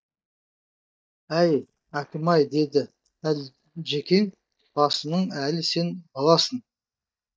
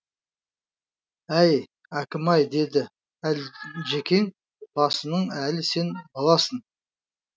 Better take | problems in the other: second | noise reduction (neural mask model DeepFilterNet 3)

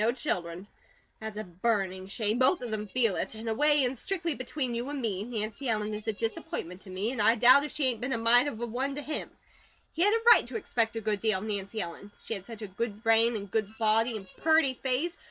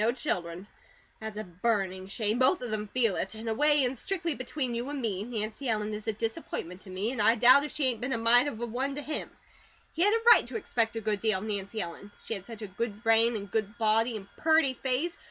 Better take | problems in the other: second | noise reduction (neural separator model SepFormer DNS4)

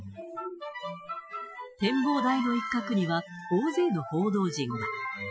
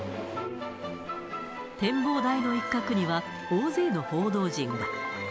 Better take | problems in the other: second | noise reduction (classical method Wiener filter)

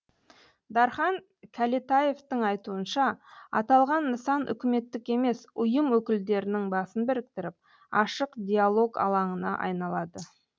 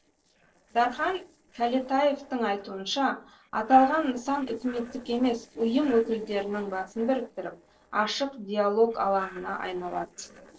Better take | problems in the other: first | noise reduction (neural separator model SepFormer DNS4)

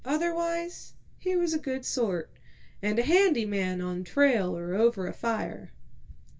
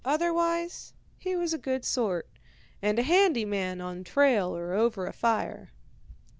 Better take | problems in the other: second | room echo; dies away in 0.1 s

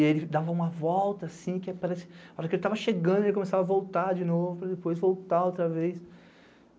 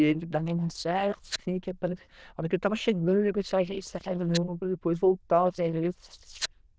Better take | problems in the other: first | noise reduction (neural diffusion model UNIVERSE++)

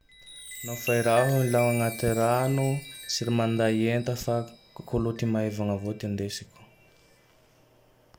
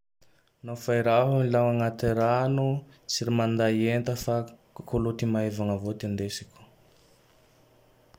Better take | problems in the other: second | background sound (Chime); 15 dB below the speech

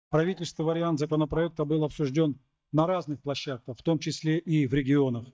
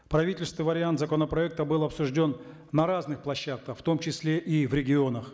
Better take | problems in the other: second | noise reduction (neural mask model DeepFilterNet 3)

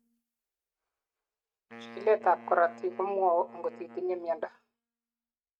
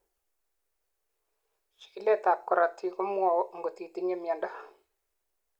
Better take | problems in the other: second | noise reduction (neural mask model RNNoise)

